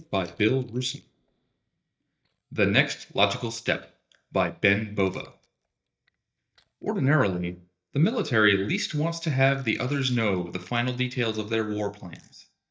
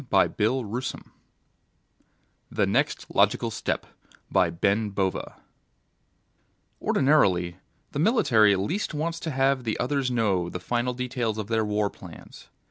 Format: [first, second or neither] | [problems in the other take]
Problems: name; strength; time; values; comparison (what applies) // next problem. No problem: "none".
second | noise reduction (neural mask model DeepFilterNet 3)